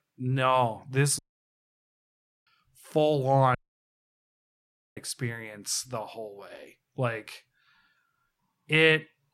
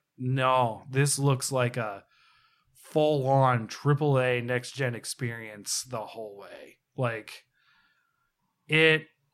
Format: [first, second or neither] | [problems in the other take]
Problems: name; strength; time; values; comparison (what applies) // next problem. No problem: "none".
second | audio cutting out; at 1 s for 1.5 s and at 3.5 s for 1.5 s